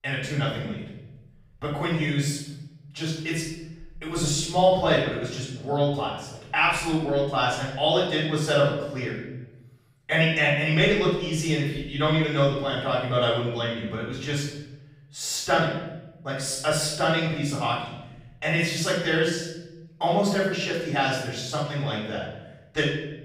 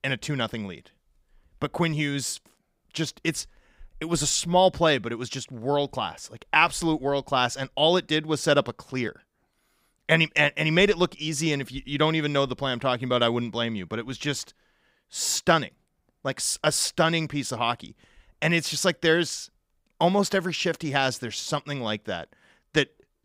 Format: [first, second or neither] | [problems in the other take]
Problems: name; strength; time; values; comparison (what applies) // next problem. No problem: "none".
second | off-mic speech; far // room echo; noticeable; dies away in 1 s